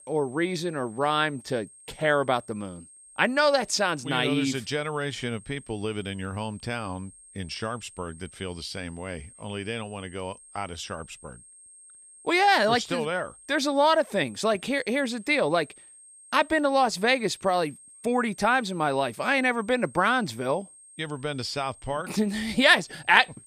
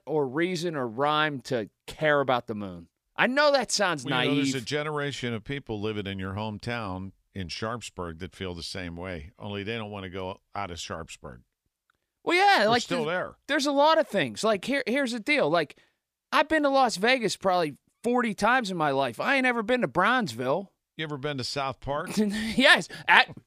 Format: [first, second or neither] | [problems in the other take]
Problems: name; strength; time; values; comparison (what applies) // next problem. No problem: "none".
second | high-pitched whine; faint; throughout; 8.5 kHz, 20 dB below the speech